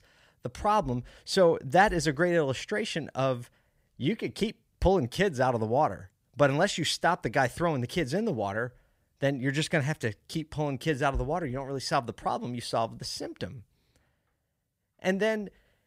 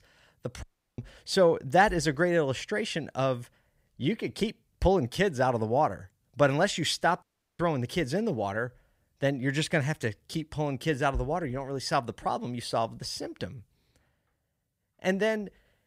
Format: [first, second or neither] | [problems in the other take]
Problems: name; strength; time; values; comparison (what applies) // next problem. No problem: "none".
first | audio cutting out; at 0.5 s and at 7 s